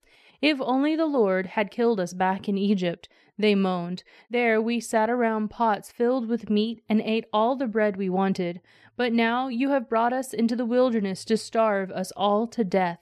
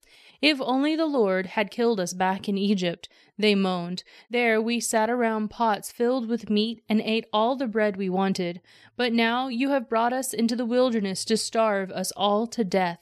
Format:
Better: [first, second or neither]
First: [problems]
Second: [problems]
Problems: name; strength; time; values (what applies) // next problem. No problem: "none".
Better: second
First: muffled; very slightly; fading above 3 kHz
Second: none